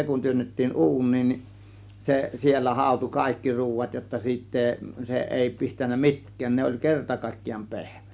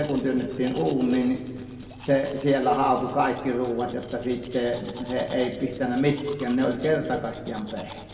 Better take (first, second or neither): first